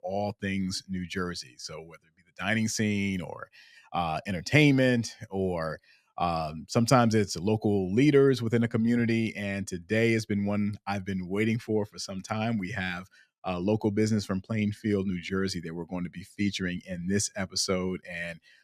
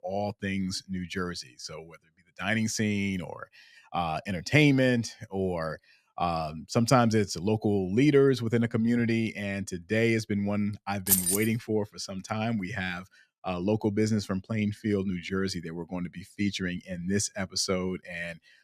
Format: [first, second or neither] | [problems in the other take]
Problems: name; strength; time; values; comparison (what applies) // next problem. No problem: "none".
first | jangling keys; loud; at 11 s; peak 5 dB above the speech